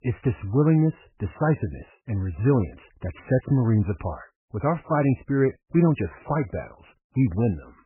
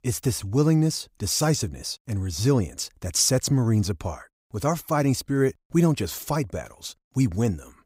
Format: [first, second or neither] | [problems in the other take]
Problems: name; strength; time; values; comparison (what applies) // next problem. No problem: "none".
second | garbled, watery; badly; nothing above 2.5 kHz